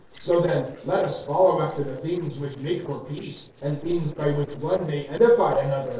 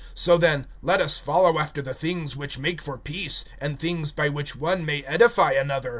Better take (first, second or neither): second